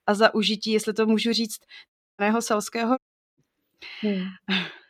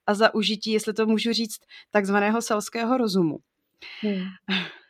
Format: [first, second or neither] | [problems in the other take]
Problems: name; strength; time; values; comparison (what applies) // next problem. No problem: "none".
second | audio cutting out; at 2 s and at 3 s